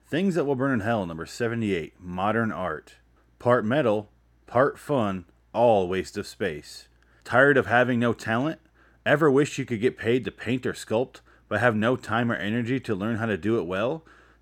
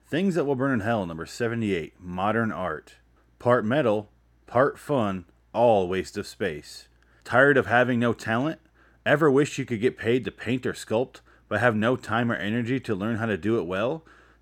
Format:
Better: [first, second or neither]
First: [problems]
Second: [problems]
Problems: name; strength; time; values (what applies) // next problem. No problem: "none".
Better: neither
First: none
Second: none